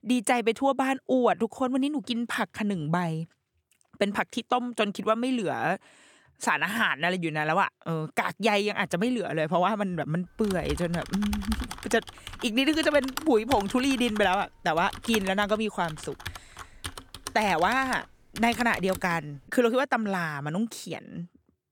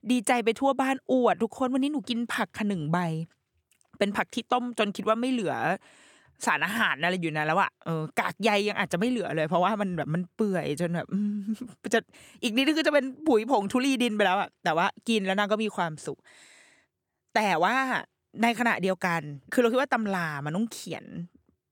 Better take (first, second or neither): second